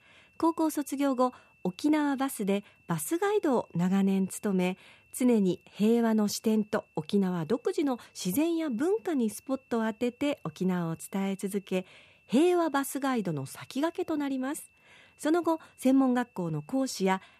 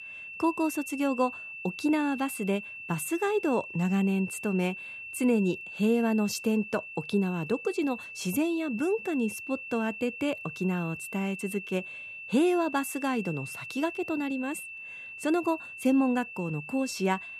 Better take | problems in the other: first | high-pitched whine; loud; throughout; 2.5 kHz, 10 dB below the speech; faint in the first

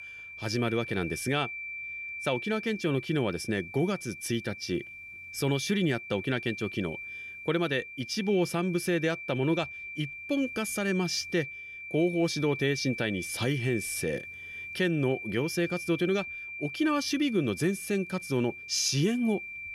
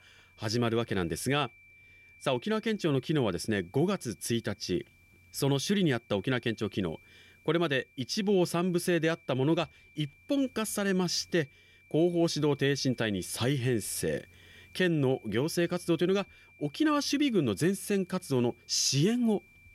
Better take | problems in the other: second | high-pitched whine; loud; throughout; 2.5 kHz, 9 dB below the speech; faint in the second

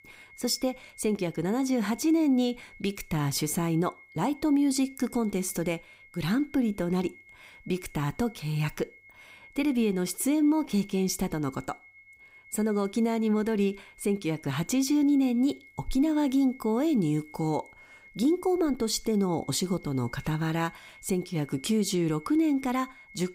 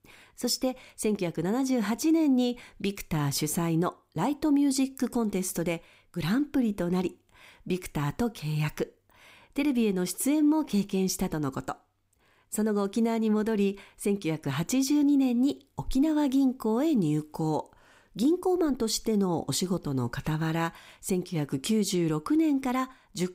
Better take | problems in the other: second | high-pitched whine; faint; throughout; 2 kHz, 25 dB below the speech

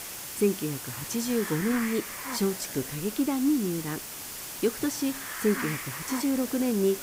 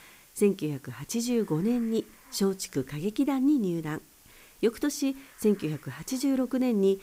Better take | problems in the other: second | hiss; loud; throughout; 6 dB below the speech; faint in the second

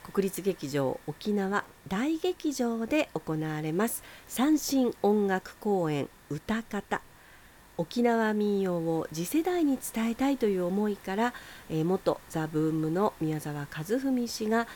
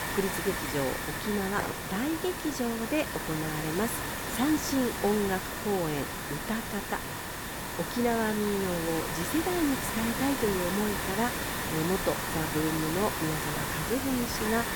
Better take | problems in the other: first | hiss; loud; throughout; 1 dB below the speech; faint in the first

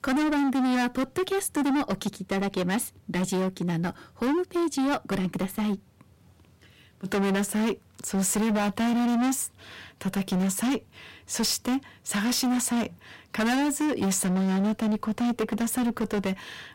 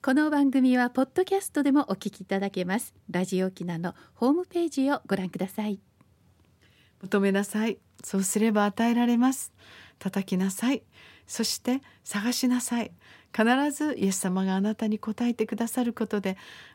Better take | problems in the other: second | distortion; heavy; 26% of the sound clipped

